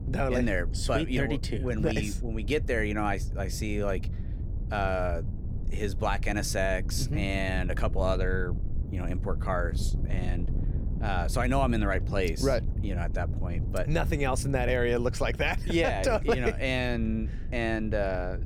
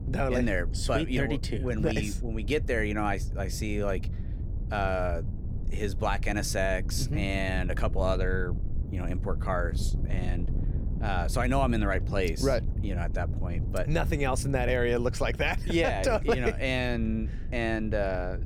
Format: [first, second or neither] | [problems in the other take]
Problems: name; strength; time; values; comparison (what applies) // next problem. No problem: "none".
neither | wind noise on the microphone; occasional gusts; 15 dB below the speech; the same in both